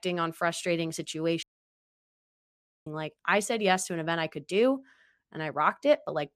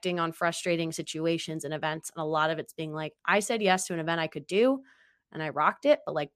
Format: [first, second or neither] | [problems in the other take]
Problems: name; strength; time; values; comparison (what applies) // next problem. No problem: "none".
second | audio cutting out; at 1.5 s for 1.5 s